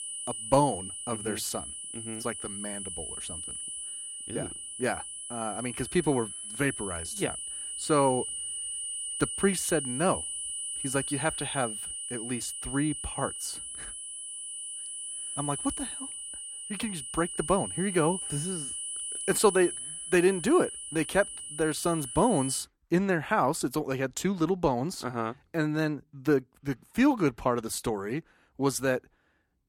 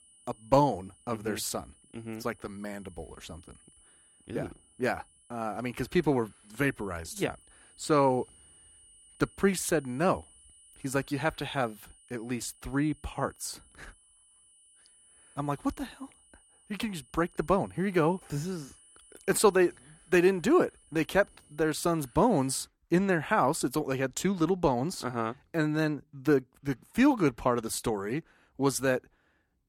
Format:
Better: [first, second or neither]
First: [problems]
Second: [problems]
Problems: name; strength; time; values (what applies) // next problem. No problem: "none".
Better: second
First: high-pitched whine; loud; until 23 s; 9.5 kHz, 5 dB below the speech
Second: high-pitched whine; faint; until 23 s; 9.5 kHz, 30 dB below the speech